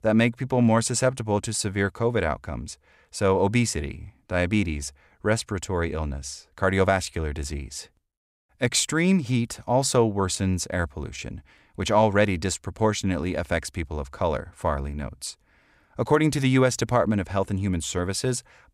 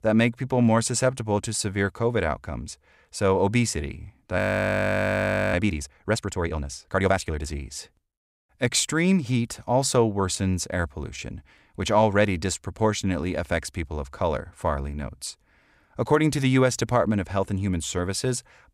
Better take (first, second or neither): first